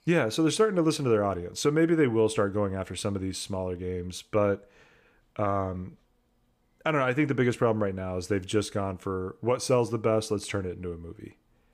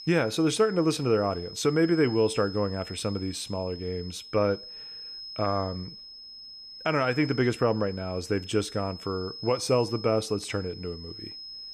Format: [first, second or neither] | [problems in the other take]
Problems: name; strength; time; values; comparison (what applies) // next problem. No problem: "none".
first | high-pitched whine; noticeable; throughout; 5 kHz, 15 dB below the speech